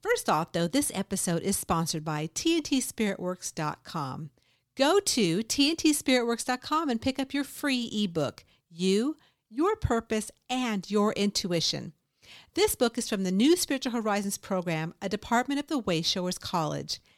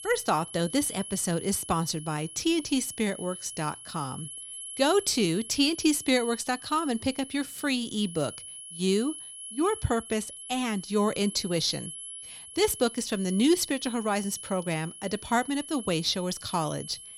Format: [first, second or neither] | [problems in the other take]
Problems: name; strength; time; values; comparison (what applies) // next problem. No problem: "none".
first | high-pitched whine; noticeable; throughout; 10.5 kHz, 10 dB below the speech